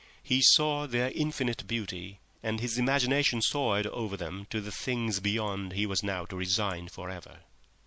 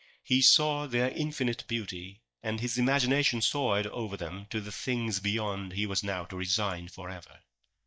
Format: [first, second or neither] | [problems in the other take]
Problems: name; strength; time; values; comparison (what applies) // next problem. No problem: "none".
first | noise reduction (neural mask model DeepFilterNet 3)